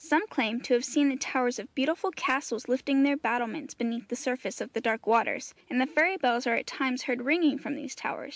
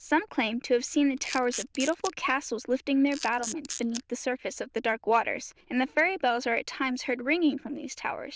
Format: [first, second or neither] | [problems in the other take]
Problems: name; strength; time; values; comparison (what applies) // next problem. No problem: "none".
first | noise reduction (neural diffusion model UNIVERSE++)